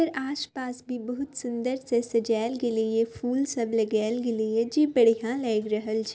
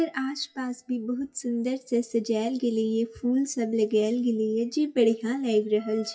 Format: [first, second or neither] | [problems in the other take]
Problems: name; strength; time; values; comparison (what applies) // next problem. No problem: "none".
first | noise reduction (classical method WPE with log-MMSE)